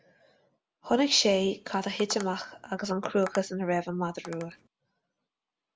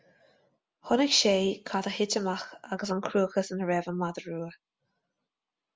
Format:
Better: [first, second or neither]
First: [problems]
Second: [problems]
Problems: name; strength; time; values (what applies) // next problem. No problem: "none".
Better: second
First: background sound (Tap); 17 dB below the speech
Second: none